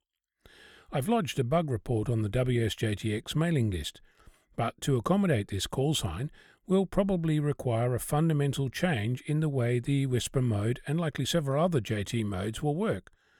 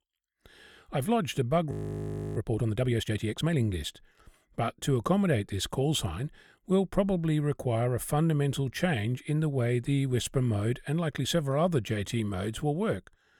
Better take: first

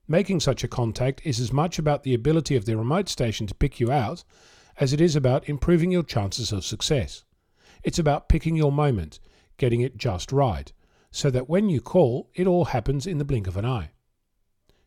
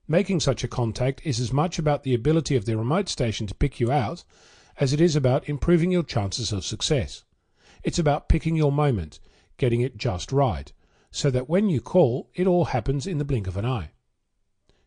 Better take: first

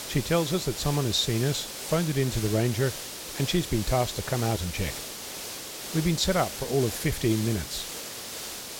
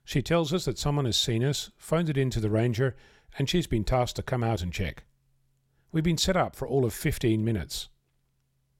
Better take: second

